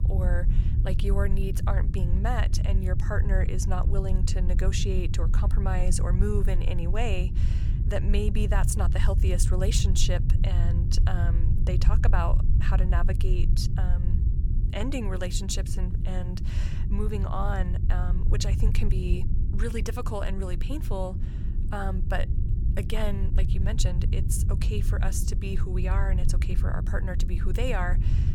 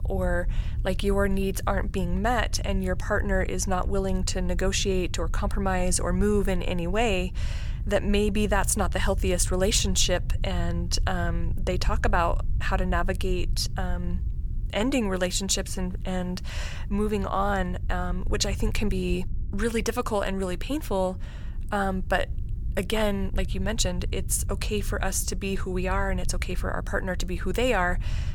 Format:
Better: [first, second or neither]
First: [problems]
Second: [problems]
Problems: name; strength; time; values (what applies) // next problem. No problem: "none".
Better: second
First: low rumble; loud; throughout; 8 dB below the speech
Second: low rumble; faint; throughout; 20 dB below the speech